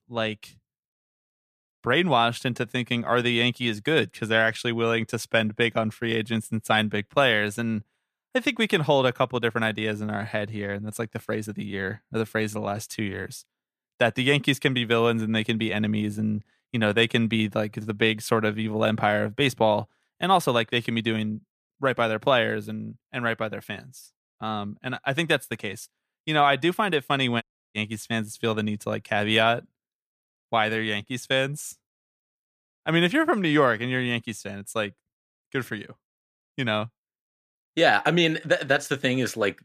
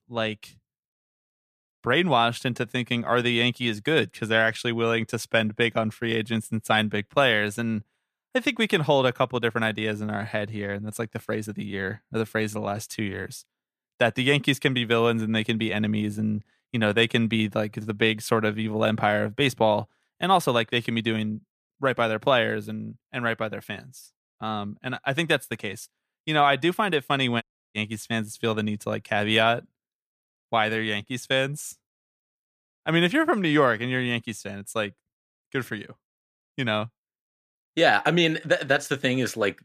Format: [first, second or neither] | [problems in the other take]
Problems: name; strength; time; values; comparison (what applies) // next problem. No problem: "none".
neither | audio cutting out; at 27 s; the same in both